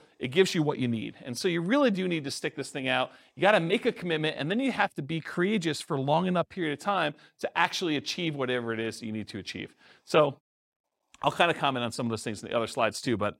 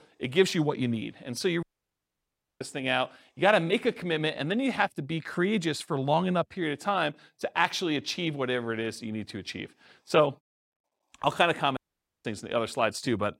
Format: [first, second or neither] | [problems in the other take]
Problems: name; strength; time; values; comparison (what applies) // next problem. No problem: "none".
first | audio cutting out; at 1.5 s for 1 s and at 12 s